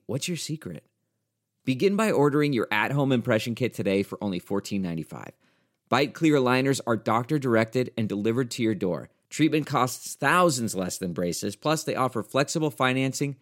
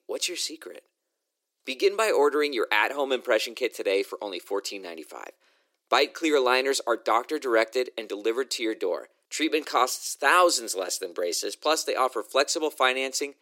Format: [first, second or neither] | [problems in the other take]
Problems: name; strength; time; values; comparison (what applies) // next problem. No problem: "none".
first | thin; very; fading below 350 Hz